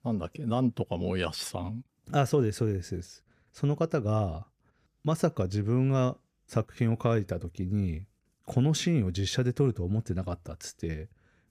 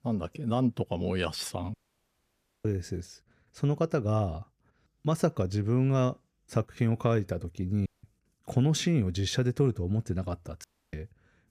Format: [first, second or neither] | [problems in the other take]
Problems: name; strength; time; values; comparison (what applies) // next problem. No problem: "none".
first | audio cutting out; at 1.5 s for 1 s, at 8 s and at 11 s